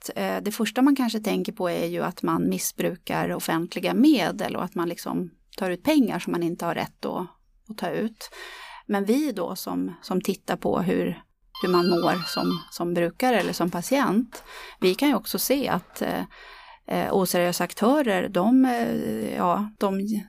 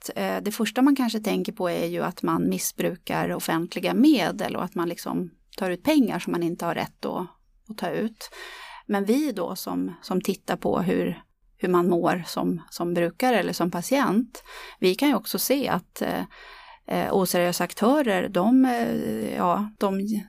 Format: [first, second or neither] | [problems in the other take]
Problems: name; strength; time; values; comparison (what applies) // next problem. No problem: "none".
second | doorbell; noticeable; from 12 to 16 s; peak 6 dB below the speech